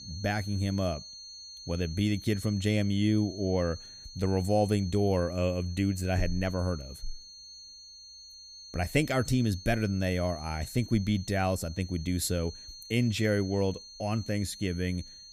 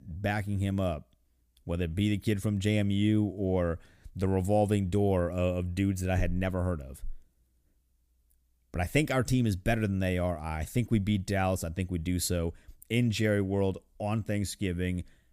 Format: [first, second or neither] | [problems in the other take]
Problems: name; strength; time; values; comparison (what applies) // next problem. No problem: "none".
second | high-pitched whine; noticeable; throughout; 4.5 kHz, 15 dB below the speech